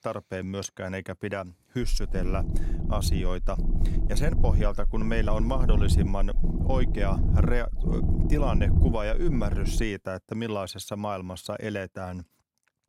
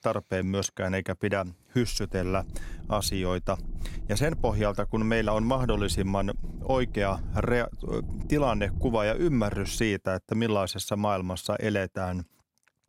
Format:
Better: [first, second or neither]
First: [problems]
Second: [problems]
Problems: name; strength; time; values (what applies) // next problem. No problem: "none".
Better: second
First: low rumble; loud; from 2 to 10 s; 7 dB below the speech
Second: low rumble; faint; from 2 to 10 s; 20 dB below the speech